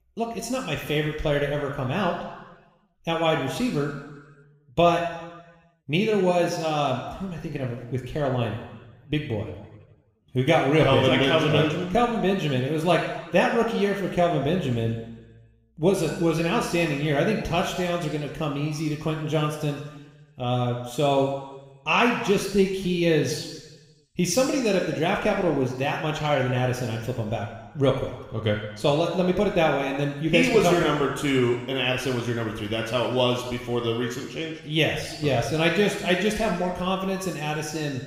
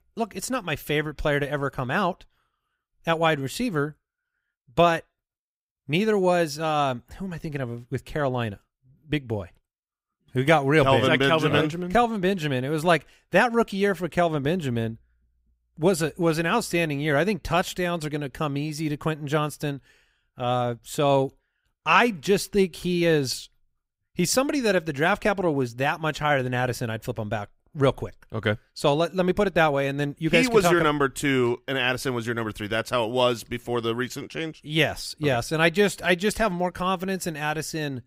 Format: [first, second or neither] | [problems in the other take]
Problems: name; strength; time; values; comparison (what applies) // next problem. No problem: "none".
second | room echo; noticeable; dies away in 1.1 s // off-mic speech; somewhat distant